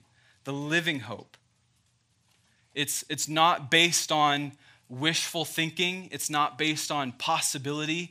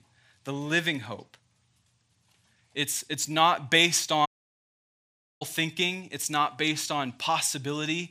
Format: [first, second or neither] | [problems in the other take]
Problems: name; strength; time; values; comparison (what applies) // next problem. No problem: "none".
first | audio cutting out; at 4.5 s for 1 s